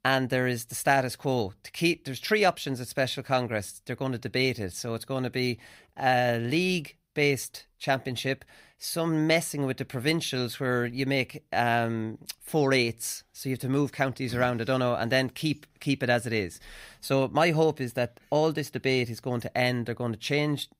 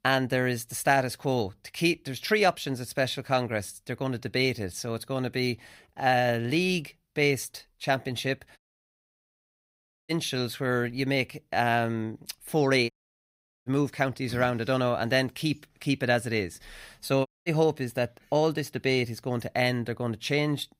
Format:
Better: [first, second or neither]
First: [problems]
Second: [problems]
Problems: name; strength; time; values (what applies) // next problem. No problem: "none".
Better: first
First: none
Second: audio cutting out; at 8.5 s for 1.5 s, at 13 s for 1 s and at 17 s